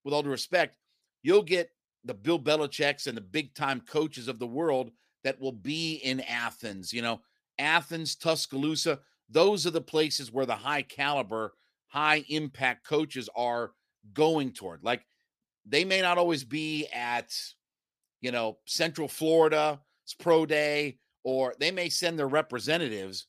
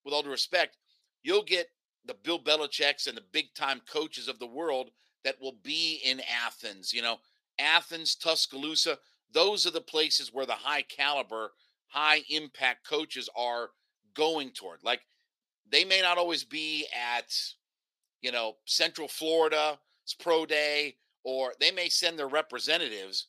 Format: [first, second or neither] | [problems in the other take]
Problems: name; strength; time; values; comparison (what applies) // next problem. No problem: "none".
first | thin; somewhat; fading below 400 Hz